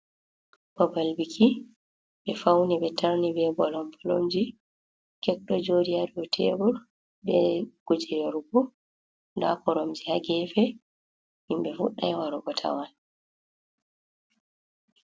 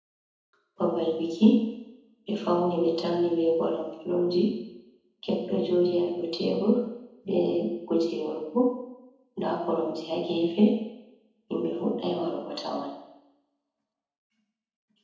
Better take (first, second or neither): first